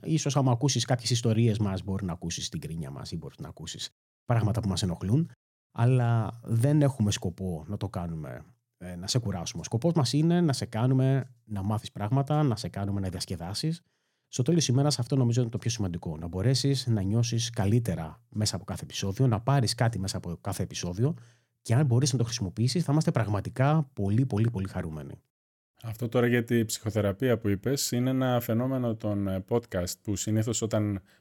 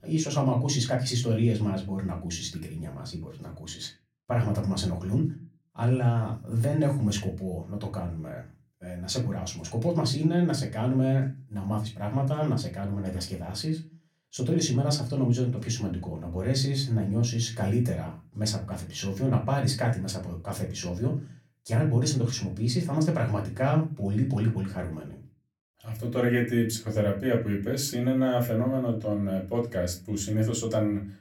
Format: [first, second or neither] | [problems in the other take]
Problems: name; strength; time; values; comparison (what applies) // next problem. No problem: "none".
first | off-mic speech; far // room echo; very slight; dies away in 0.3 s